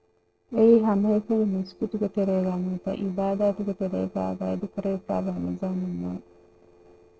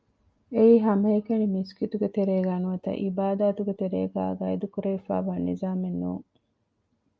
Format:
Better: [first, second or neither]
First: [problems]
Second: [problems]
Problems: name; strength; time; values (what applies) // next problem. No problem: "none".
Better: second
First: noise reduction (neural separator model SepFormer DNS4)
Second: none